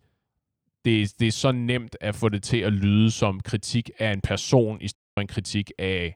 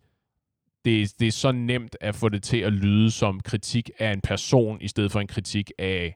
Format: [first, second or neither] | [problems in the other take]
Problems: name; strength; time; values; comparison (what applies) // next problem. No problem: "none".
second | audio cutting out; at 5 s